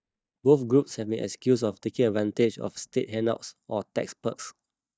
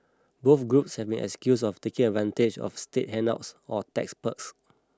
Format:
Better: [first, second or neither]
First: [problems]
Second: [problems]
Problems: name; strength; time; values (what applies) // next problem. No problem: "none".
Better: second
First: noise reduction (neural mask model DeepFilterNet 3)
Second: none